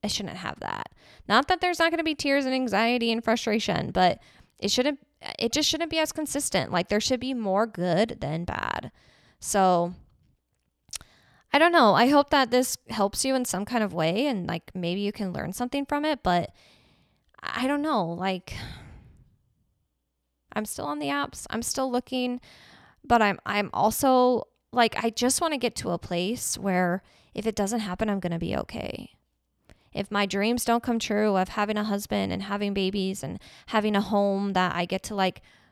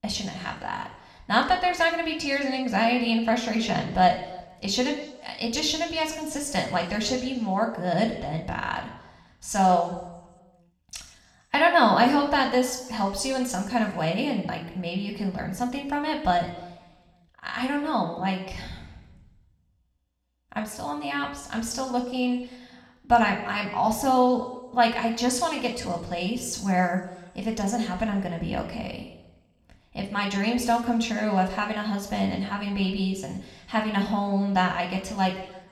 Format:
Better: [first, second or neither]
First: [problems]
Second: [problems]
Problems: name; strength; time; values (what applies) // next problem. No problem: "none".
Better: first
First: none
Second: room echo; slight; dies away in 0.9 s // off-mic speech; somewhat distant